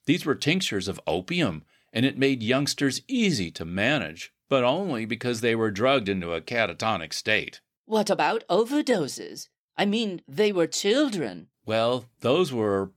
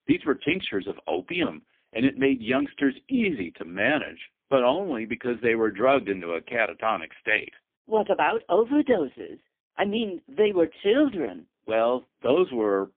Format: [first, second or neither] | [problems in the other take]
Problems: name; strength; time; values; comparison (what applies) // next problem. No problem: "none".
first | phone-call audio; poor line; nothing above 3.5 kHz